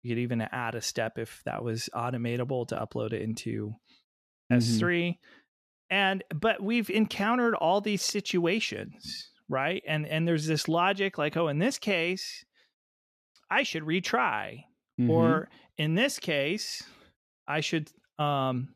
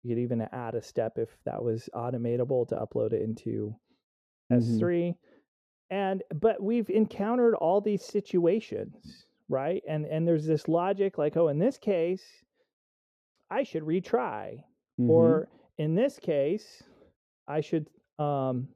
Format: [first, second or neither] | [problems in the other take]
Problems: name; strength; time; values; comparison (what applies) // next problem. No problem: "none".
first | muffled; very; fading above 1 kHz